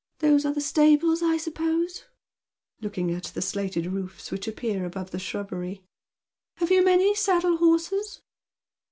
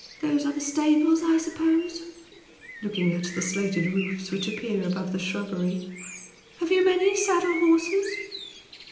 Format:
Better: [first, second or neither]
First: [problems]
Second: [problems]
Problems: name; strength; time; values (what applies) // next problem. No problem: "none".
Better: first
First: none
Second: background sound (Bird); 15 dB below the speech // room echo; dies away in 0.8 s